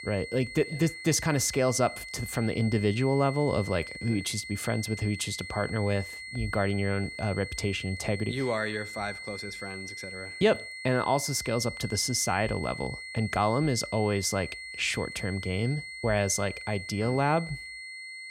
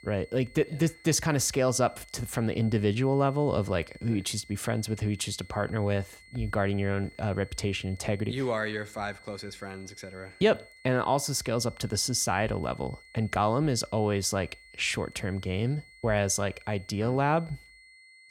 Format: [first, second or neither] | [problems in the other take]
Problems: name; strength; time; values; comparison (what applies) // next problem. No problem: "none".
second | high-pitched whine; loud; throughout; 2 kHz, 10 dB below the speech; faint in the second